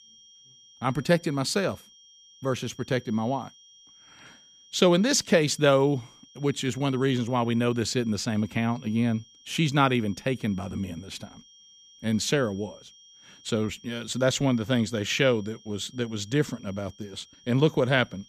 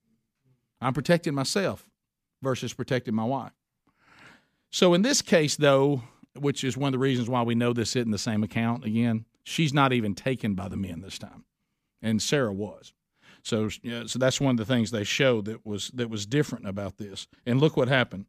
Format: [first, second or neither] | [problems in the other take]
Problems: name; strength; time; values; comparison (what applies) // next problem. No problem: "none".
second | high-pitched whine; faint; throughout; 3 kHz, 25 dB below the speech